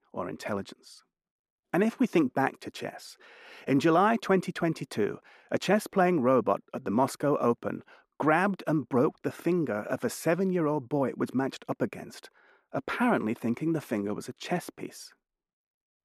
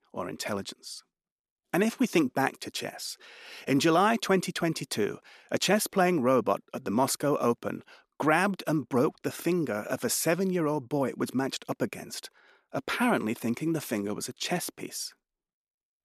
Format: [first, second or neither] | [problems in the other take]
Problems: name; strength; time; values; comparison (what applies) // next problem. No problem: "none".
second | muffled; slightly; fading above 2.5 kHz